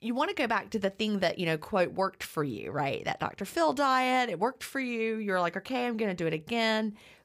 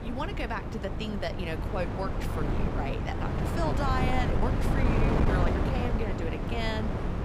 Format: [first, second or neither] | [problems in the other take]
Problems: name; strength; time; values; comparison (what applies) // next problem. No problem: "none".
first | wind noise on the microphone; heavy; 1 dB below the speech